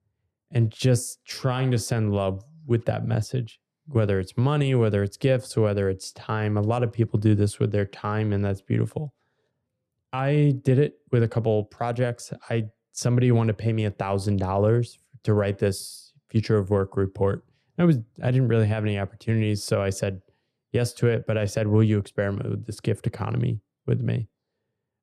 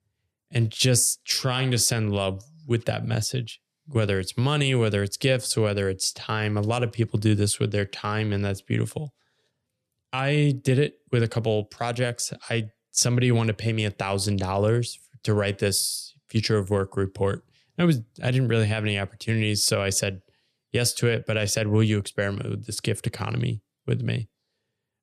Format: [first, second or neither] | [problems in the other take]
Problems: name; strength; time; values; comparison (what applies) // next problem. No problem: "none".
second | muffled; slightly; fading above 2 kHz